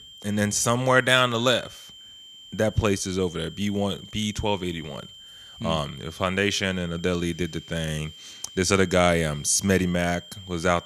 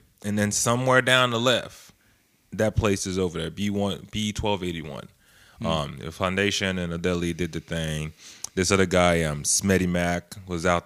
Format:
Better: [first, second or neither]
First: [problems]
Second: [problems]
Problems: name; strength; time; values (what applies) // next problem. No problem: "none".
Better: second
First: high-pitched whine; noticeable; throughout; 3 kHz, 20 dB below the speech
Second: none